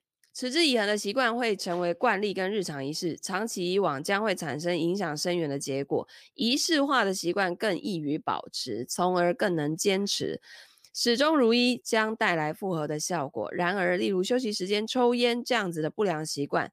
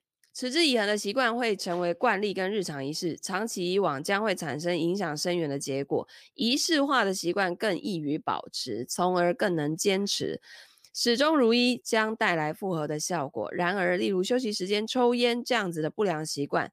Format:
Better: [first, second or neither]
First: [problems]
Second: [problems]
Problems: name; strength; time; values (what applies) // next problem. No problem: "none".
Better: neither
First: none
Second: none